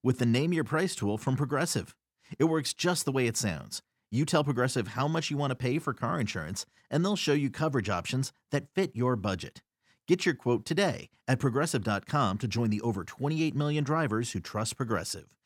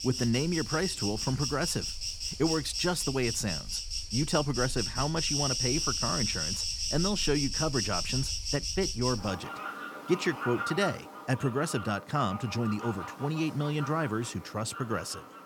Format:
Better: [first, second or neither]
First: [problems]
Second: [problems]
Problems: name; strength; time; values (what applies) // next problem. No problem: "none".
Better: first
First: none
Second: animal sounds; loud; throughout; 2 dB below the speech